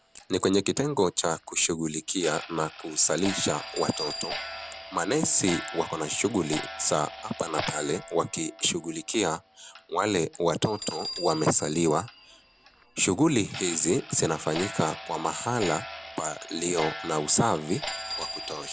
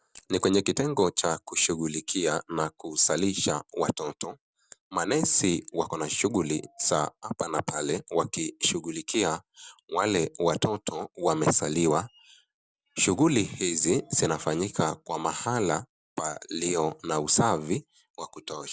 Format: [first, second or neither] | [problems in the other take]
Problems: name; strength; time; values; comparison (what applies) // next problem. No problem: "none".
second | background sound (Clock + Bell); 12 dB below the speech